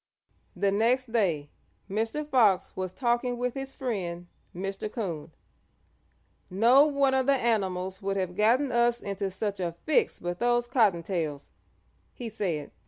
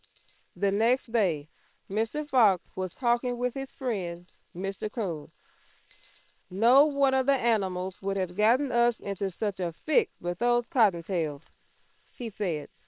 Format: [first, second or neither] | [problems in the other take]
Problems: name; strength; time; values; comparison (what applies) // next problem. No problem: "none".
first | noise reduction (neural separator model SepFormer WHAM!)